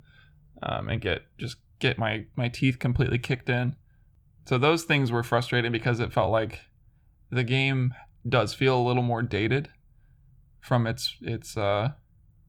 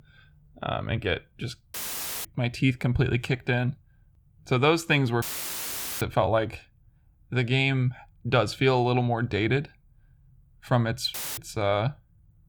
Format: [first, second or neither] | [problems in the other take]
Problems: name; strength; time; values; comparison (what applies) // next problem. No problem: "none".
first | audio cutting out; filled with static; at 1.5 s for 0.5 s, at 5 s for 1 s and at 11 s